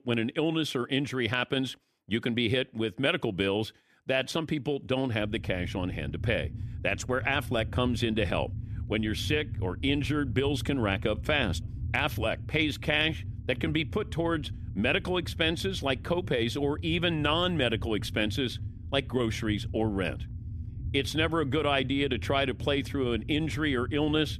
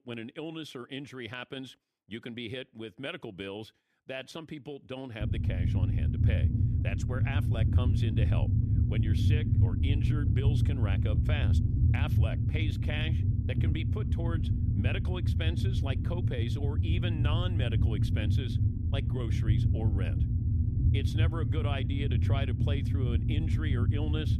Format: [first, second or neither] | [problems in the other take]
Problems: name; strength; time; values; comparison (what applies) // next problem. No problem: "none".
first | low rumble; loud; from 5 s on; 1 dB below the speech; faint in the first